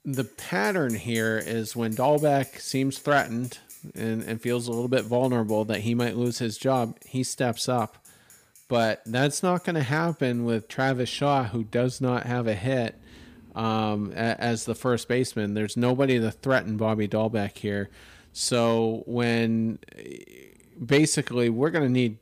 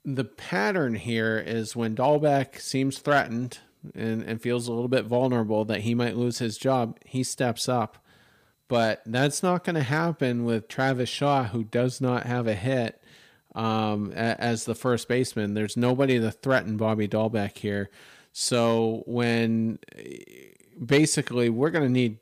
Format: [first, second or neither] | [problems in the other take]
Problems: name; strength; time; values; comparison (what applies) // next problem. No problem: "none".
second | traffic noise; faint; throughout; 20 dB below the speech